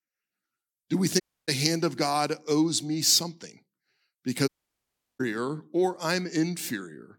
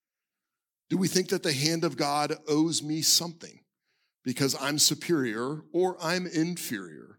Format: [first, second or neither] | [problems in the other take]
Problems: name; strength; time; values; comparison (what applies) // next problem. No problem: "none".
second | audio cutting out; at 1 s and at 4.5 s for 0.5 s